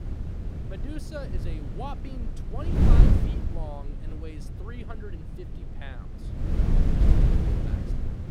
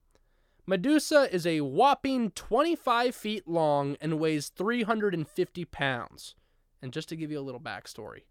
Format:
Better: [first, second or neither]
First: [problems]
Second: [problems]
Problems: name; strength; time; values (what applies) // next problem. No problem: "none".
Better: second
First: wind noise on the microphone; heavy; 5 dB above the speech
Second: none